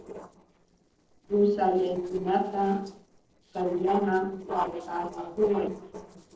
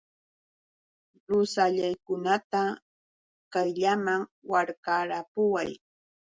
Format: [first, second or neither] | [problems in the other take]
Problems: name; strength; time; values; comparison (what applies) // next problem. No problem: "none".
second | noise reduction (neural separator model SepFormer DNS4)